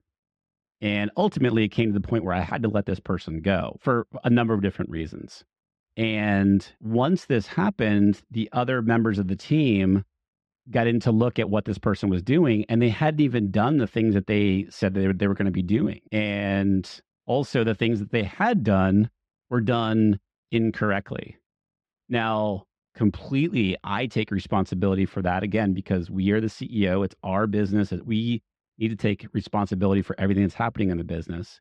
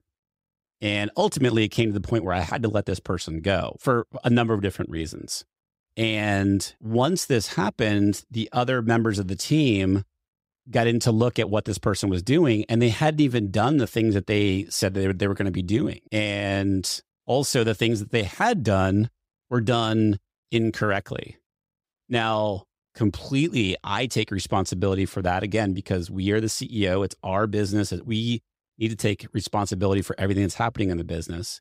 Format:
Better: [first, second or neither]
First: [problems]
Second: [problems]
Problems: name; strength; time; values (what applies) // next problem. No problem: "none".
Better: second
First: muffled; slightly; fading above 2.5 kHz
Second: none